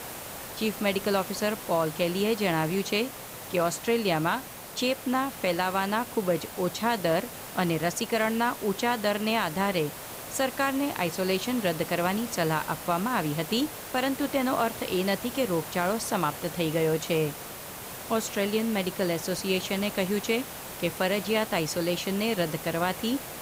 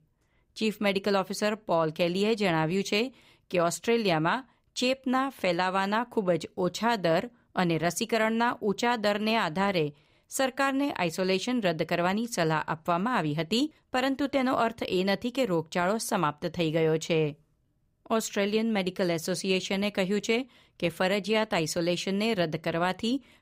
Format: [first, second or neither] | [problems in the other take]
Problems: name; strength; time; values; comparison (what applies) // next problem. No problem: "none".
second | hiss; loud; throughout; 10 dB below the speech